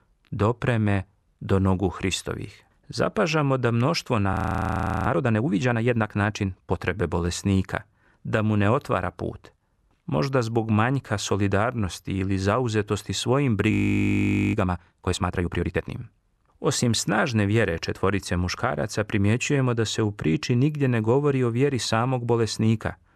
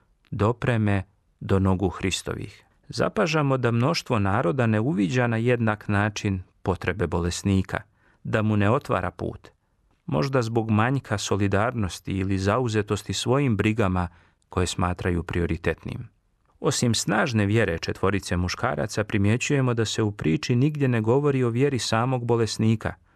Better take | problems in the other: second | audio freezing; at 4.5 s for 0.5 s and at 14 s for 1 s

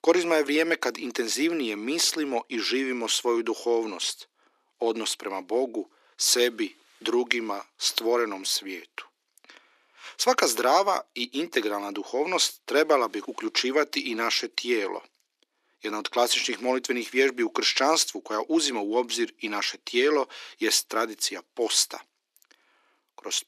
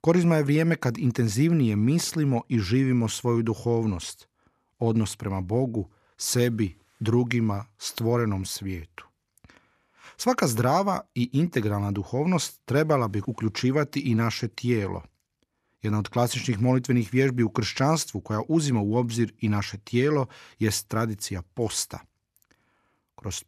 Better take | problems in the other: second | thin; very; fading below 300 Hz

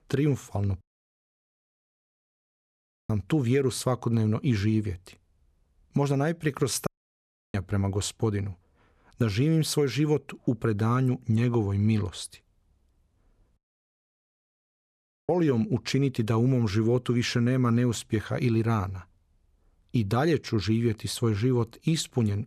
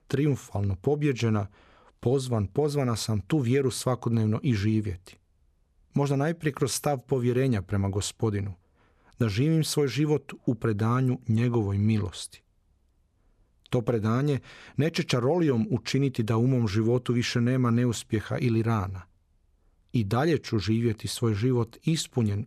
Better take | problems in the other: second | audio cutting out; at 1 s for 2.5 s, at 7 s for 0.5 s and at 14 s for 1.5 s

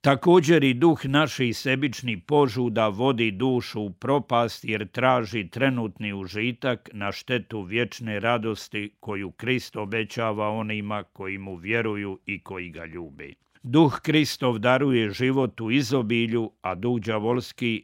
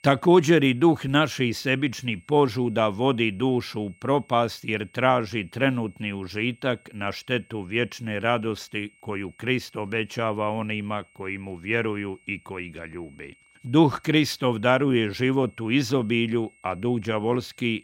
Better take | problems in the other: first | high-pitched whine; faint; throughout; 2 kHz, 30 dB below the speech

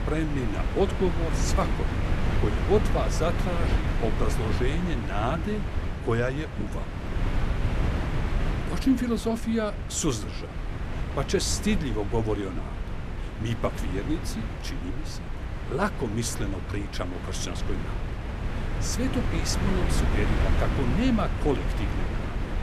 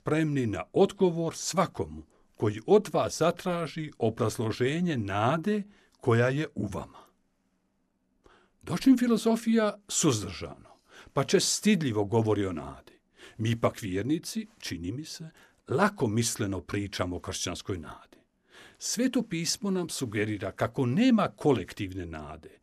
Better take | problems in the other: second | wind noise on the microphone; heavy; 5 dB below the speech

